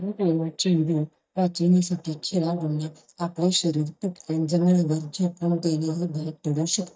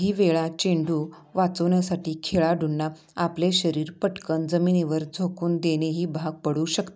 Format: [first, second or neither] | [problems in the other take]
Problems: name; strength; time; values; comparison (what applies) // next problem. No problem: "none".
second | noise reduction (neural mask model DeepFilterNet 3)